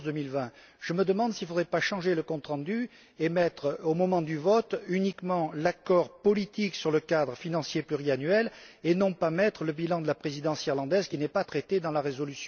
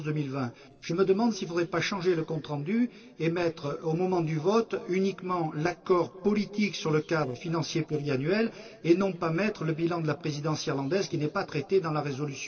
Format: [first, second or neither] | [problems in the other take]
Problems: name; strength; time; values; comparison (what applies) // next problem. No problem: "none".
first | noise reduction (neural separator model SepFormer DNS4)